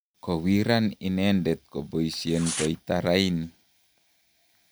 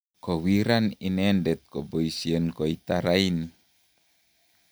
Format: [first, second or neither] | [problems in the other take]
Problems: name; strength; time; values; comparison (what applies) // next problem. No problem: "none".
second | background sound (Tearing); 12 dB below the speech